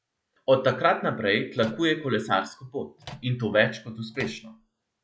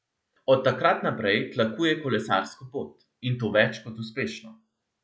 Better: second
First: background sound (Microwave oven); 19 dB below the speech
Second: none

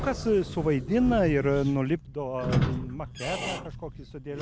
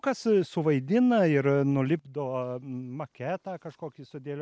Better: second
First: background sound (Squeak / Sliding door); 6 dB below the speech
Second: none

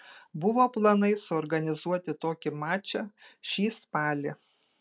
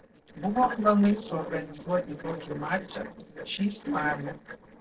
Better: first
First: none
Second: noise reduction (neural separator model SepFormer DNS4)

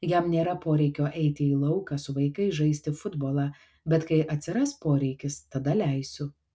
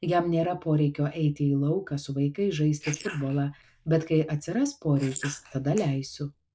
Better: first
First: none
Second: noise reduction (neural mask model Resemble Enhance denoiser)

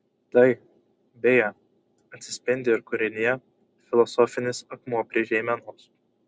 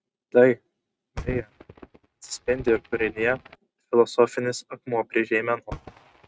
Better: first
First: none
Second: noise reduction (neural mask model RNNoise)

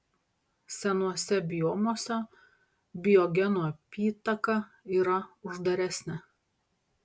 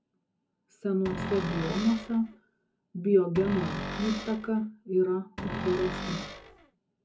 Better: first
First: none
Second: background sound (Cupboard open or close); 6 dB below the speech // room echo; dies away in 0.4 s

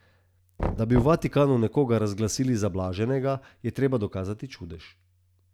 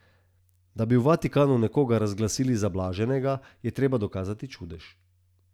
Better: second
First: background sound (Knock); 10 dB below the speech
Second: none

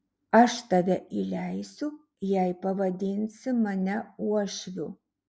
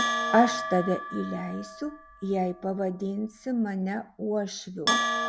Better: first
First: none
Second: background sound (Bell); 4 dB below the speech

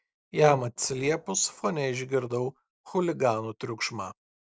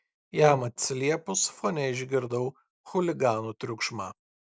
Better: second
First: noise reduction (neural separator model SepFormer DNS4)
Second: none

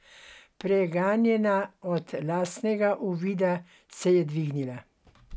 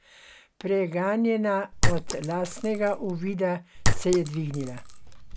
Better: first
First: none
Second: background sound (Chink, clink); 2 dB above the speech

